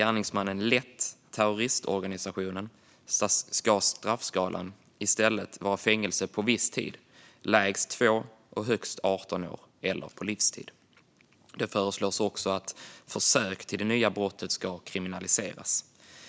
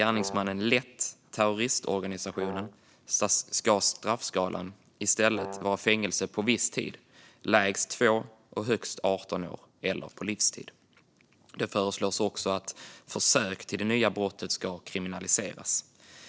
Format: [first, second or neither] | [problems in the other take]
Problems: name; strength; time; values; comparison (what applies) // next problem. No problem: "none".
first | noise reduction (neural separator model SepFormer DNS4)